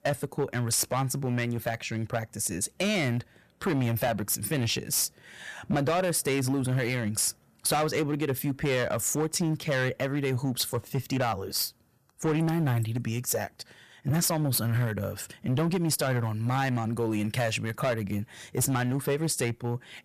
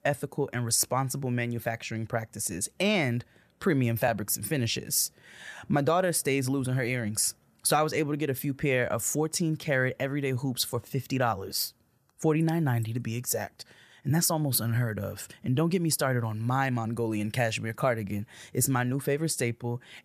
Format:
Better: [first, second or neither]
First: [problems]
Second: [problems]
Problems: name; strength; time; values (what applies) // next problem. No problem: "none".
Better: second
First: distortion; slight; 10% of the sound clipped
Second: none